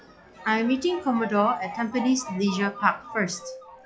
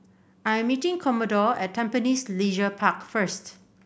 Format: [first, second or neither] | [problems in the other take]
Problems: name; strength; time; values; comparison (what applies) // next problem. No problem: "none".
second | noise reduction (classical method log-MMSE)